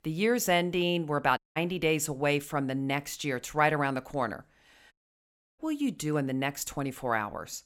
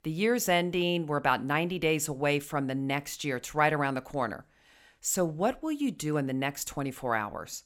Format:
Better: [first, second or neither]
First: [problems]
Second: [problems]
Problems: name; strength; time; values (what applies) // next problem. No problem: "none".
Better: second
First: audio cutting out; at 1.5 s and at 5 s for 0.5 s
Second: none